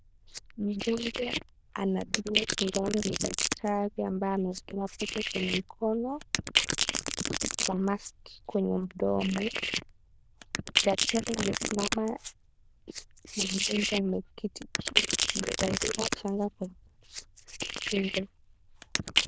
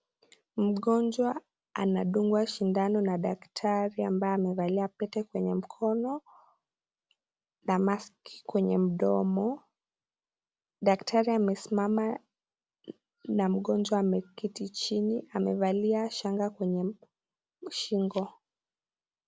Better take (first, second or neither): second